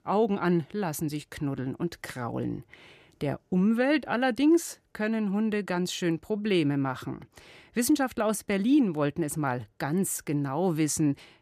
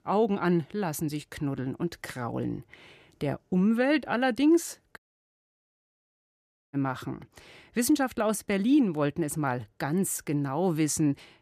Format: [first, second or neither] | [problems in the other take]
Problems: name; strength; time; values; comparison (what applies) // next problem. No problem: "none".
first | audio cutting out; at 5 s for 2 s